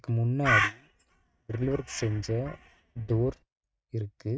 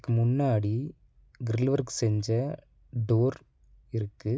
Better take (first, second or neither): second